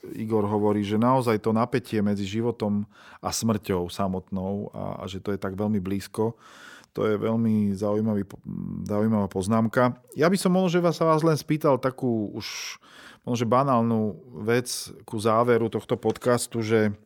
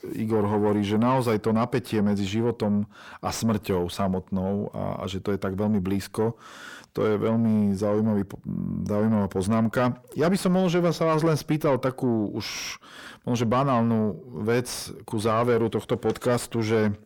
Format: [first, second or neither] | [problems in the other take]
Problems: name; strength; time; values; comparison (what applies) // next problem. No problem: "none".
first | distortion; slight; 10 dB below the speech